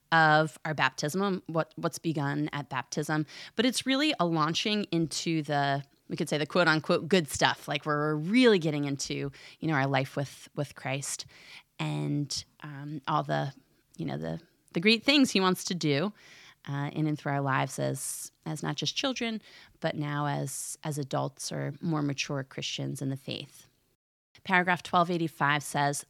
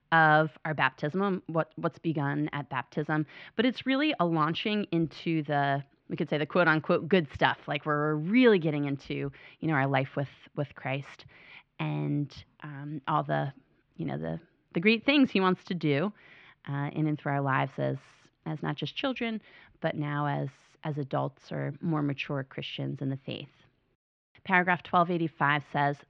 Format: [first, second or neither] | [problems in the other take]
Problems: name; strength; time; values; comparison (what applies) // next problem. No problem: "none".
first | muffled; very; fading above 3 kHz